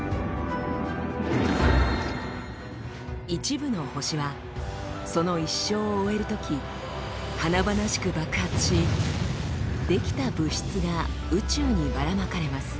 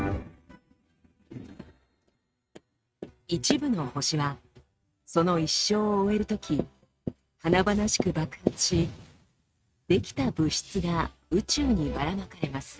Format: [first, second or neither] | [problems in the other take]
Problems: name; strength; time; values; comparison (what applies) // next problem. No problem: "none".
first | noise reduction (neural mask model RNNoise)